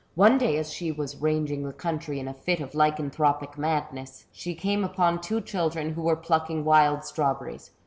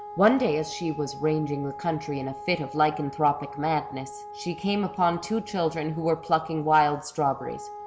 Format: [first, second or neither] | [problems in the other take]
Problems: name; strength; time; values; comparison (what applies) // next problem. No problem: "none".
first | background sound (Wind instrument, woodwind instrument); 14 dB below the speech